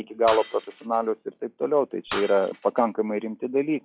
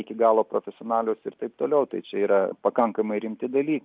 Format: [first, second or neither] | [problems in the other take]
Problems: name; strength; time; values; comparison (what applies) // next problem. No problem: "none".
second | noise reduction (classical method log-MMSE)